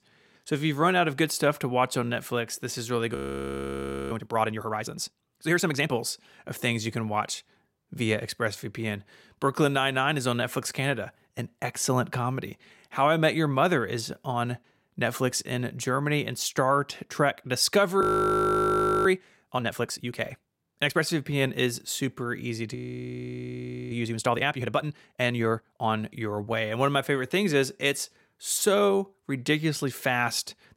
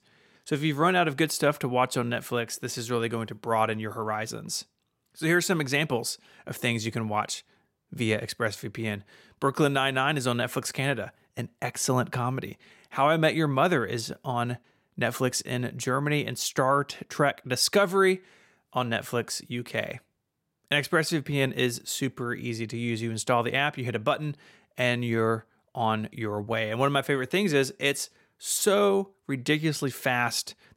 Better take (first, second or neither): second